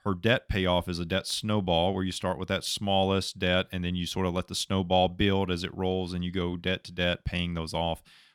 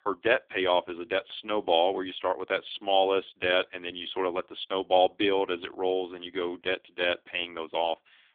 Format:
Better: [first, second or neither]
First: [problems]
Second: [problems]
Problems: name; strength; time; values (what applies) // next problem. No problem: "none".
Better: first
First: none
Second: phone-call audio; poor line; nothing above 3.5 kHz